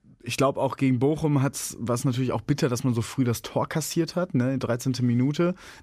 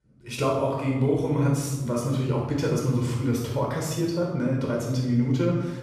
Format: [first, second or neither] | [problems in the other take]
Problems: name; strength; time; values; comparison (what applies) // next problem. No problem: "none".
first | off-mic speech; far // room echo; noticeable; dies away in 1.2 s